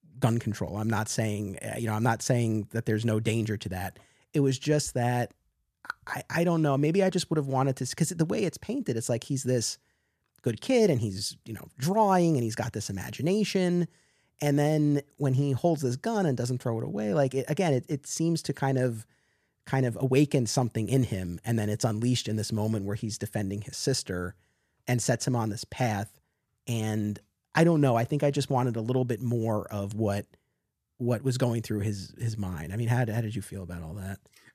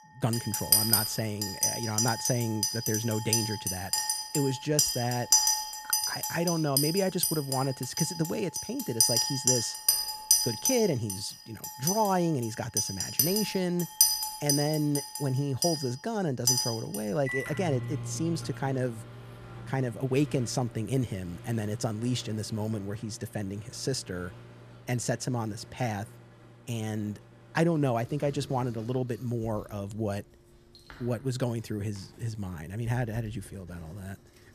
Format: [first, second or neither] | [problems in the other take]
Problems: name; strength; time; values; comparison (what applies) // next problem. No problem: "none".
first | household noises; very loud; throughout; 4 dB above the speech